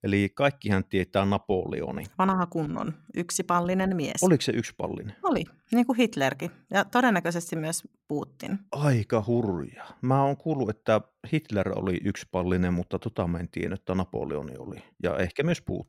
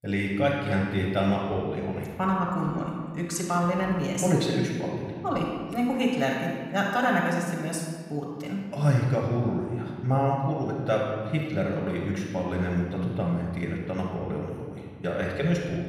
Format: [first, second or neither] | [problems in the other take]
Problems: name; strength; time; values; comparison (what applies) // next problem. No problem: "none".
first | off-mic speech; somewhat distant // room echo; noticeable; dies away in 1.5 s